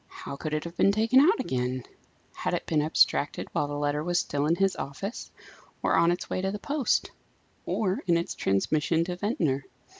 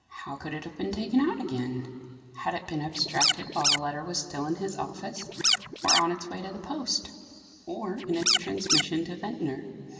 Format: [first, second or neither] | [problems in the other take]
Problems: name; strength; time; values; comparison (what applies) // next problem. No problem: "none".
first | background sound (Scratching (performance technique)); 5 dB above the speech // room echo; dies away in 2.7 s